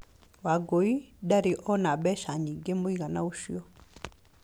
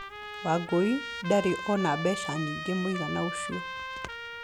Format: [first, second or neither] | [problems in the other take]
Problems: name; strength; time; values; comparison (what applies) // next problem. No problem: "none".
first | background sound (Trumpet); 7 dB below the speech